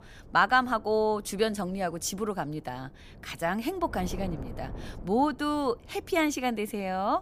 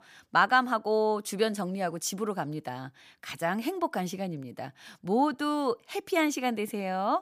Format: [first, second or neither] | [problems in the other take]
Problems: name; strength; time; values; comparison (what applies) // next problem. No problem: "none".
second | wind noise on the microphone; occasional gusts; 25 dB below the speech